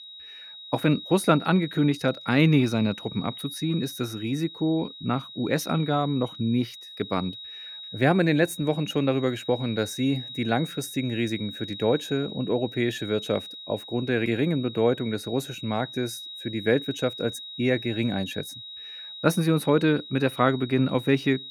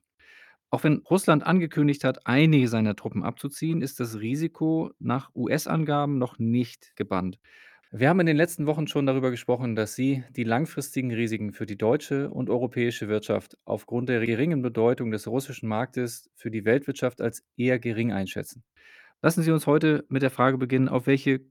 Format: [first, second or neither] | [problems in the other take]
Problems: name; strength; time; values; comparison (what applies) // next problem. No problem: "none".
second | high-pitched whine; noticeable; throughout; 4 kHz, 10 dB below the speech